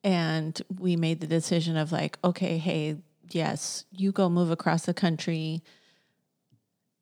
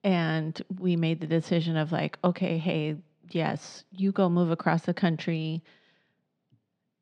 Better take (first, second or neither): first